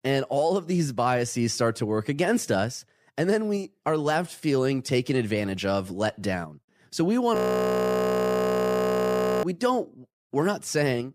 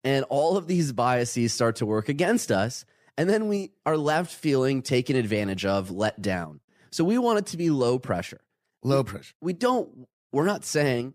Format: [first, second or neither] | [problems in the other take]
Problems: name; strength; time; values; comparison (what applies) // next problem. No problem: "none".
second | audio freezing; at 7.5 s for 2 s